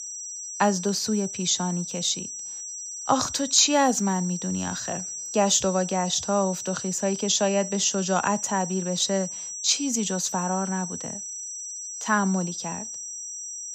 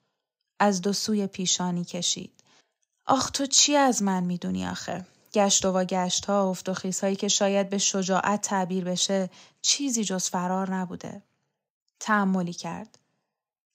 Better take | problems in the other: second | high-pitched whine; loud; throughout; 6 kHz, 8 dB below the speech

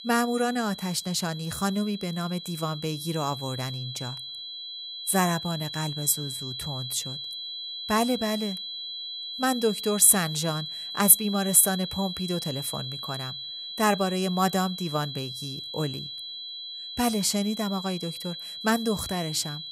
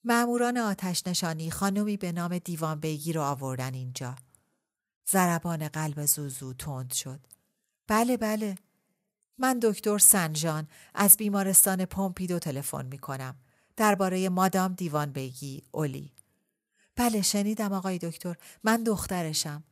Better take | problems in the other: second | high-pitched whine; loud; throughout; 4 kHz, 9 dB below the speech

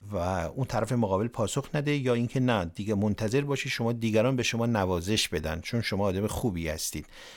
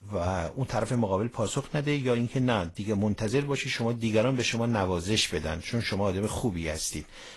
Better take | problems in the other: first | garbled, watery; slightly; nothing above 11.5 kHz

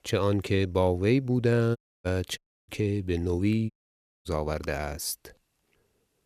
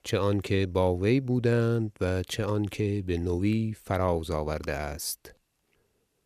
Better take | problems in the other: second | audio cutting out; at 2 s, at 2.5 s and at 3.5 s for 0.5 s

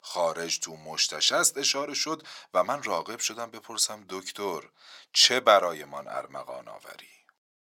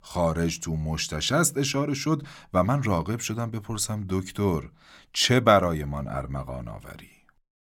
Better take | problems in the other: second | thin; very; fading below 550 Hz

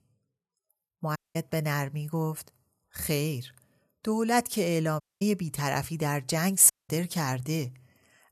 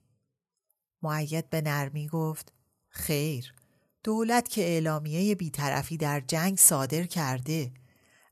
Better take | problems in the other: second | audio cutting out; at 1 s, at 5 s and at 6.5 s

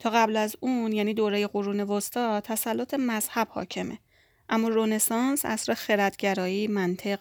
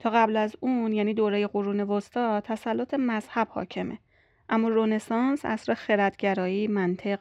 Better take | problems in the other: first | muffled; very; fading above 2.5 kHz

